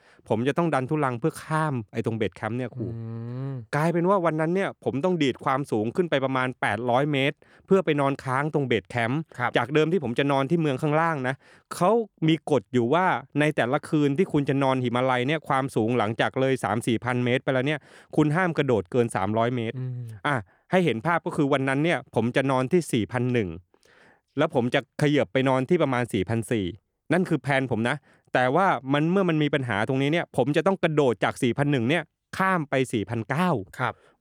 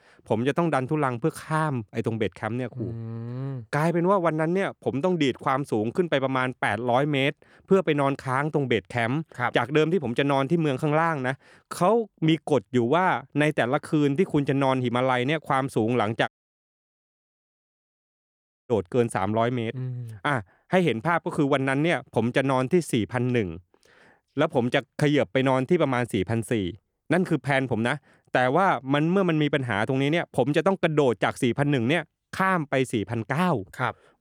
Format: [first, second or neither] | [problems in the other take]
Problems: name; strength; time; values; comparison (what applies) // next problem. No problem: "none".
first | audio cutting out; at 16 s for 2.5 s